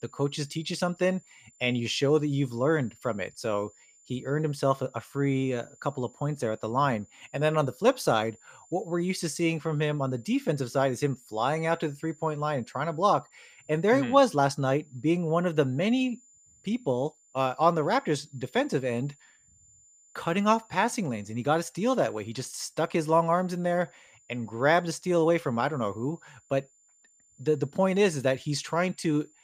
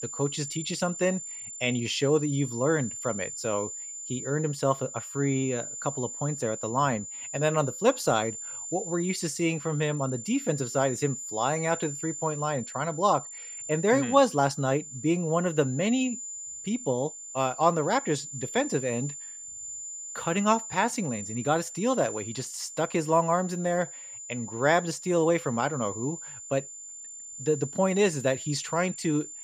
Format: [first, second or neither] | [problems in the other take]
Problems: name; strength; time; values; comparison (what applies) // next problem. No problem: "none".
first | high-pitched whine; loud; throughout; 7 kHz, 9 dB below the speech; faint in the first